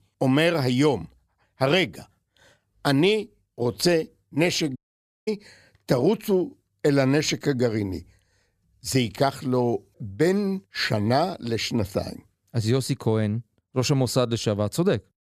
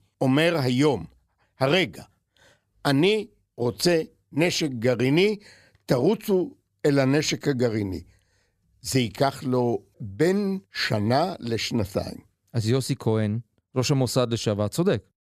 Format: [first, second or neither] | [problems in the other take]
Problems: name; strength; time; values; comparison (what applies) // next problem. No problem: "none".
second | audio cutting out; at 5 s for 0.5 s